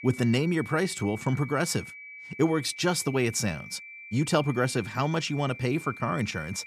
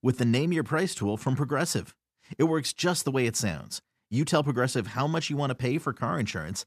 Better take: second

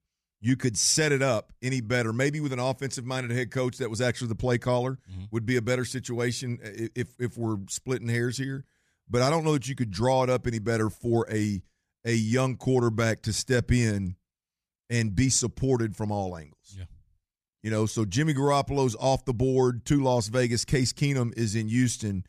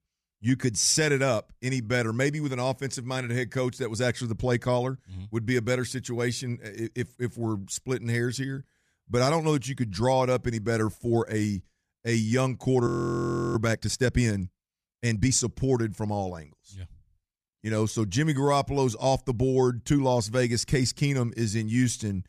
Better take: first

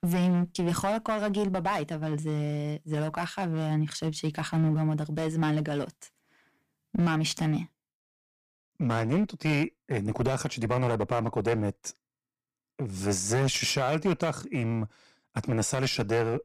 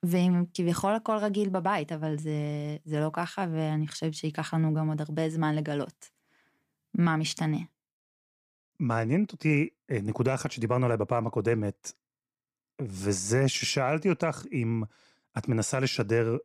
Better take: second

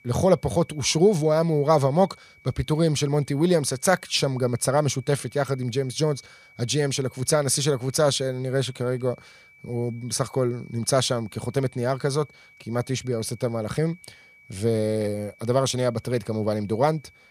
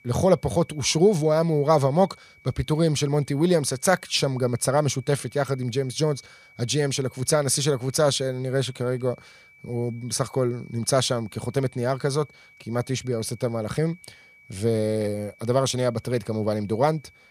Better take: neither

